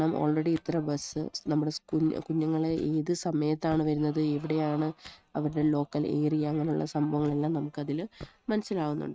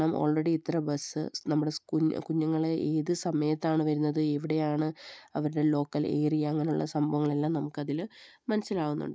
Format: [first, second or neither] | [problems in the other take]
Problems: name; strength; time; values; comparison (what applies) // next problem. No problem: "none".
second | noise reduction (neural mask model RNNoise)